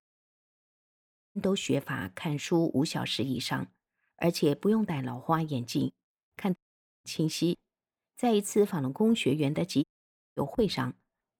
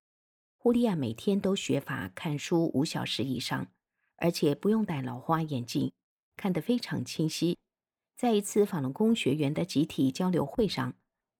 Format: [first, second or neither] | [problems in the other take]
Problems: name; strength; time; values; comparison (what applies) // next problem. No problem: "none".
second | audio cutting out; at 0.5 s for 1 s, at 6.5 s and at 10 s for 0.5 s